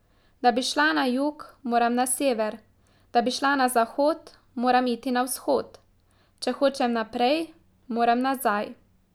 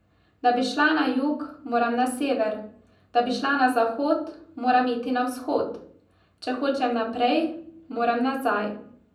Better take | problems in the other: first | room echo; dies away in 0.6 s

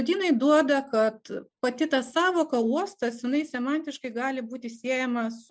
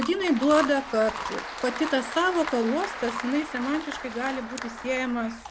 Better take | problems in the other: first | background sound (Chewing, mastication + Applause); 9 dB below the speech

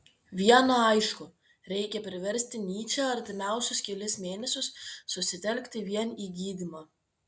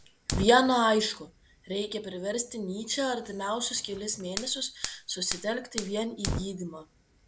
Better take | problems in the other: first | background sound (Fire); 10 dB below the speech

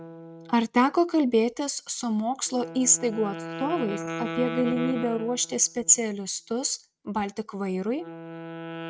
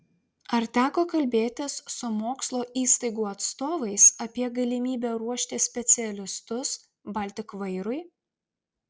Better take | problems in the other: second | noise reduction (neural mask model RNNoise)

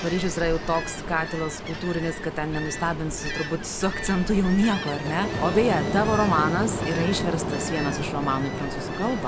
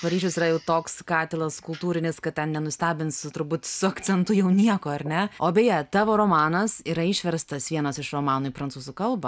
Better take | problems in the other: second | background sound (Ocean); 4 dB below the speech

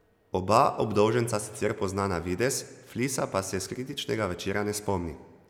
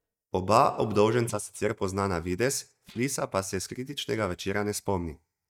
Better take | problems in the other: first | noise reduction (neural mask model DeepFilterNet 3)

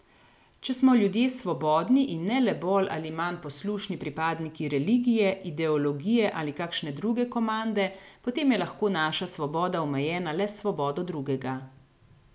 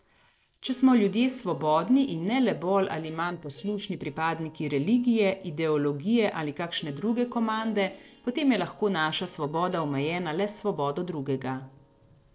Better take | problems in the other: first | noise reduction (neural separator model SepFormer DNS4)

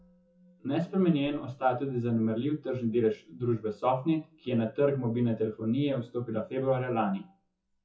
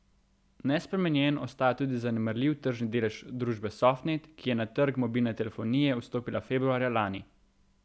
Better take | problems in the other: second | noise reduction (classical method WPE with log-MMSE)

